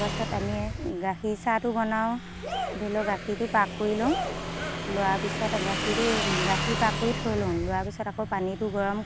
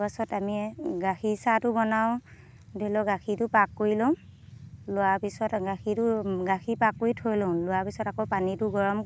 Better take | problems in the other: second | background sound (Motorcycle / Engine + Cheering); 3 dB below the speech

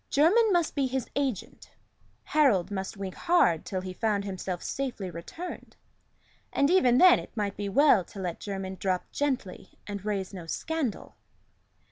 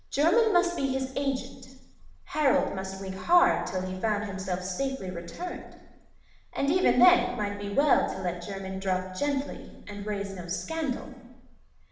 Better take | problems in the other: first | room echo; dies away in 0.9 s

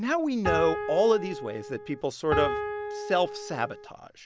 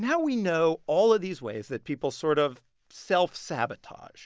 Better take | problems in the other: second | background sound (Piano); 4 dB below the speech

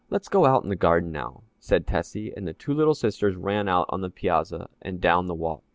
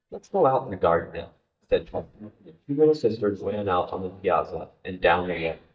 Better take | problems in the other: first | noise reduction (neural mask model DeepFilterNet 3)

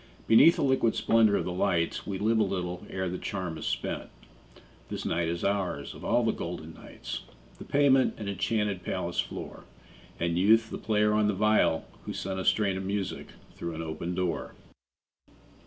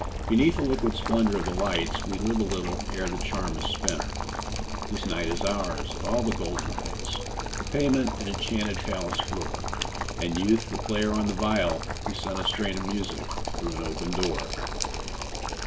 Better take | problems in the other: first | background sound (Drip + Boiling); 2 dB below the speech

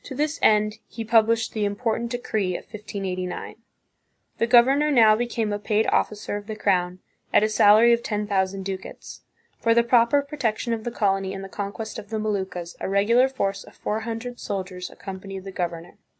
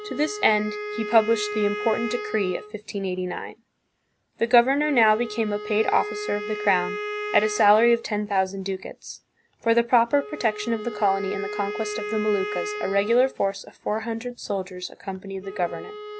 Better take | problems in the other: first | background sound (Wind instrument, woodwind instrument); 10 dB below the speech

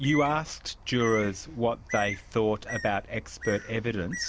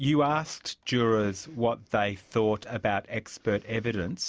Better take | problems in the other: second | background sound (Bird); 11 dB below the speech

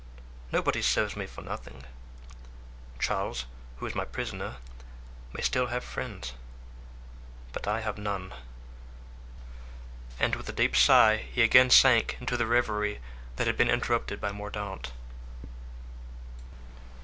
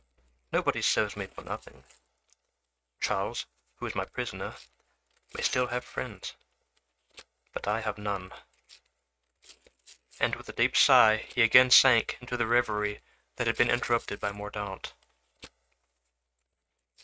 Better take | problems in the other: first | noise reduction (neural mask model RNNoise)

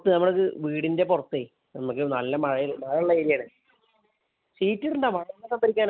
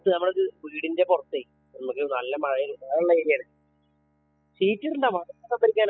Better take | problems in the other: first | noise reduction (classical method spectral subtraction)

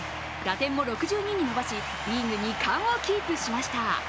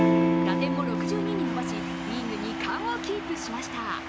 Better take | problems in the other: first | background sound (Electric guitar / Strum); 5 dB above the speech

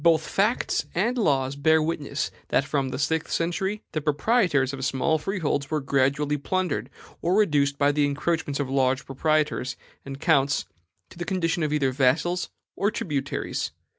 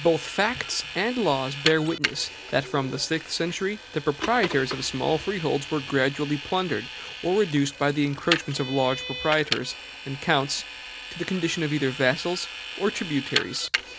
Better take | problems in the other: first | background sound (Vehicle); 8 dB below the speech

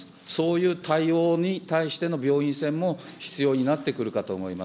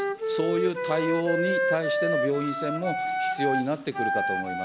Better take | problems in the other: first | background sound (Wind instrument, woodwind instrument); 2 dB above the speech

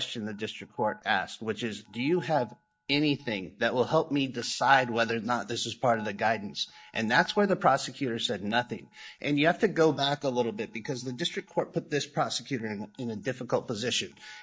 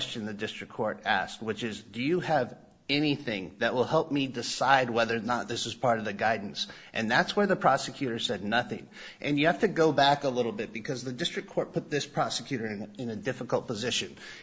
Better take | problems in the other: second | noise reduction (neural mask model DeepFilterNet 3)

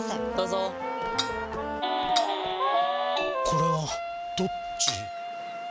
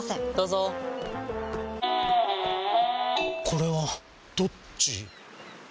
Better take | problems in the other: second | background sound (Wind instrument, woodwind instrument + Cutlery, silverware / Dishes, pots, and pans); 1 dB below the speech

